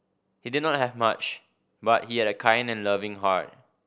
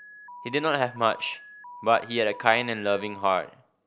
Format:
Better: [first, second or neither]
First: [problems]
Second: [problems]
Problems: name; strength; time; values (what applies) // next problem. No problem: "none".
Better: first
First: none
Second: background sound (Alarm); 18 dB below the speech